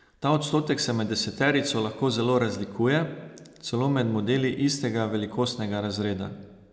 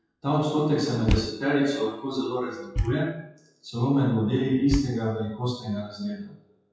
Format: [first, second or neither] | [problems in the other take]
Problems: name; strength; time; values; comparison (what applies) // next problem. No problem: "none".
first | noise reduction (classical method WPE with log-MMSE)